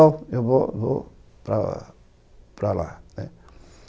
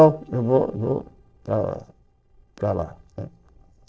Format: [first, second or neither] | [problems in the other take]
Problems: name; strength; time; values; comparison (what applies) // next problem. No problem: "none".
first | noise reduction (neural separator model SepFormer DNS4)